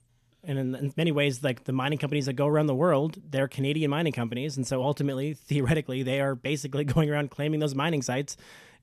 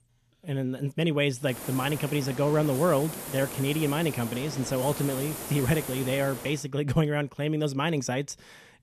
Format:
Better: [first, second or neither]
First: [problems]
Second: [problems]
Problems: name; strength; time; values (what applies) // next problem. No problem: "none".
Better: first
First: none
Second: hiss; loud; from 1.5 to 6.5 s; 9 dB below the speech